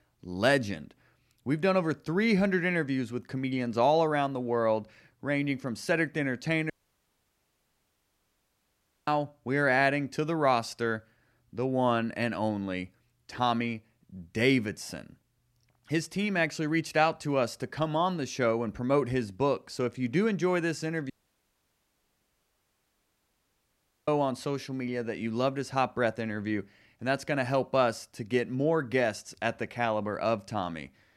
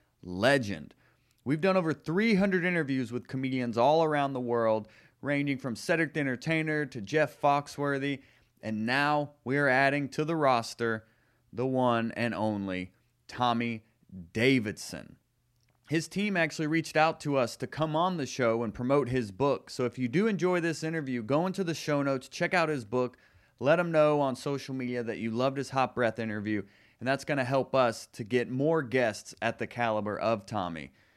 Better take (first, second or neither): second